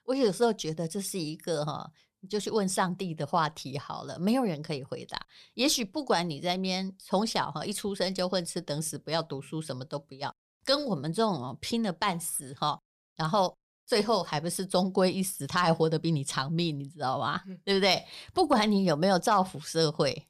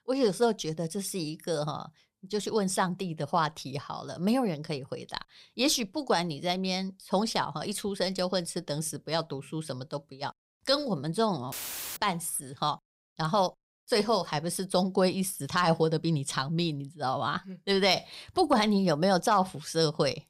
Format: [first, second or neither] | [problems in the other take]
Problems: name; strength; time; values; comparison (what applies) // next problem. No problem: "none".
first | audio cutting out; filled with static; at 12 s